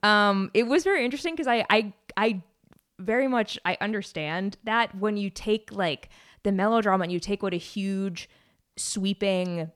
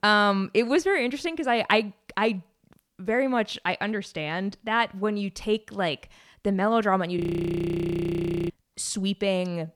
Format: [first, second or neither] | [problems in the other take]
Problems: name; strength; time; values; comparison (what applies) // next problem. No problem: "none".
first | audio freezing; at 7 s for 1.5 s